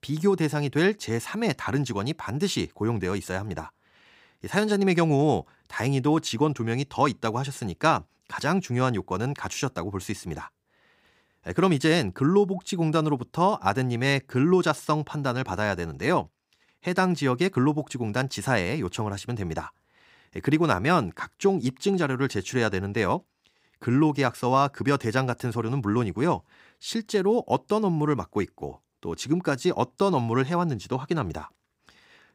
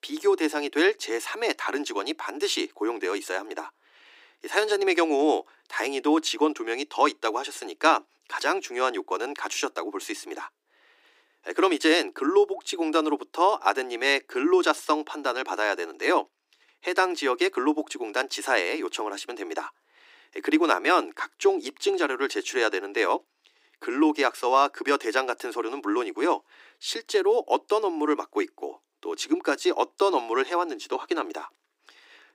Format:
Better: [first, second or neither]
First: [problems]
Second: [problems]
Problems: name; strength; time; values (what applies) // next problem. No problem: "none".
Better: first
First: none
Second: thin; somewhat; fading below 300 Hz